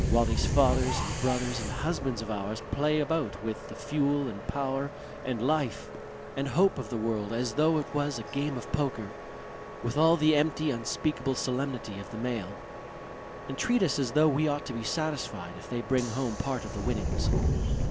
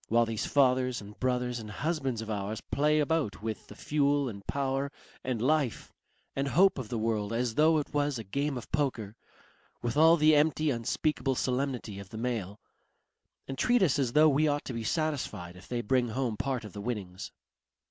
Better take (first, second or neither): second